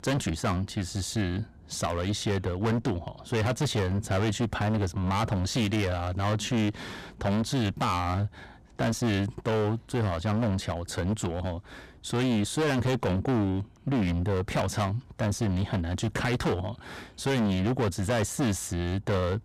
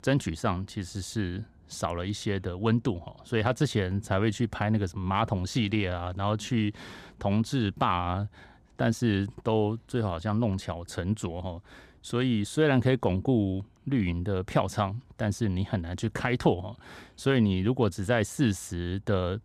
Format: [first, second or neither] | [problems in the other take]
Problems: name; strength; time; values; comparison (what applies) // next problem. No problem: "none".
second | distortion; heavy; 20% of the sound clipped